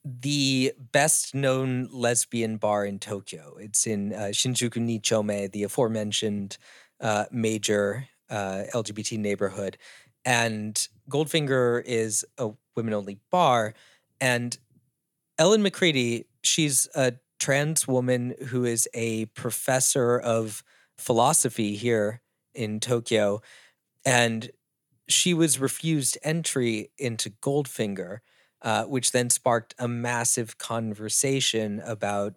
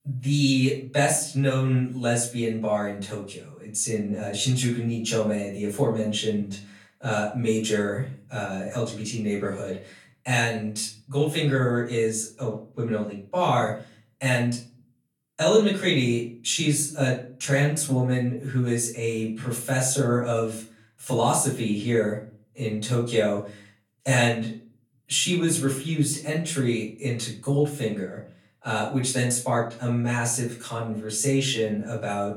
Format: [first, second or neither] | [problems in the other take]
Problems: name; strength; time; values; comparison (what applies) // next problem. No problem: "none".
first | room echo; slight; dies away in 0.4 s // off-mic speech; far